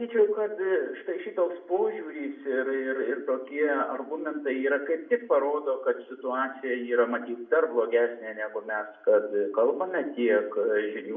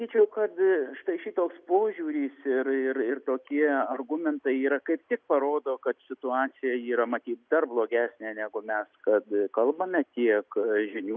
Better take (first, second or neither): second